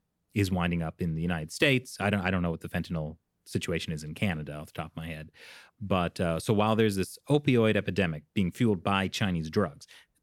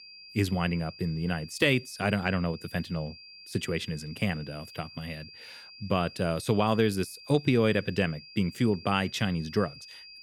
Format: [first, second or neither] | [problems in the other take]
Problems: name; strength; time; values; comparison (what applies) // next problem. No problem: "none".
first | high-pitched whine; noticeable; throughout; 5 kHz, 15 dB below the speech